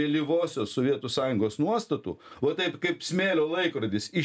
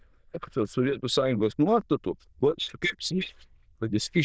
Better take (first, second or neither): first